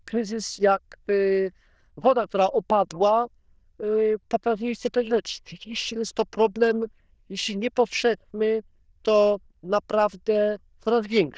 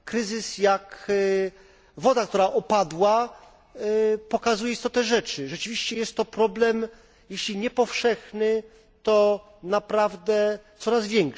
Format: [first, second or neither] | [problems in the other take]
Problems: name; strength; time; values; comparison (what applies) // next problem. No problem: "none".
second | noise reduction (neural diffusion model UNIVERSE++)